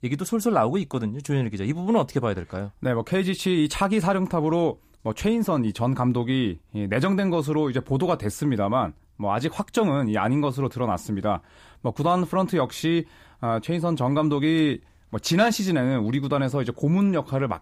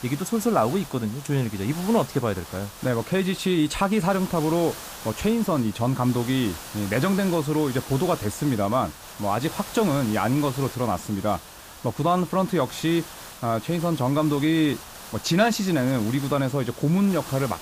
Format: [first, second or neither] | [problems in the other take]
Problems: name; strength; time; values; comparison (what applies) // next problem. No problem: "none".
first | hiss; noticeable; throughout; 15 dB below the speech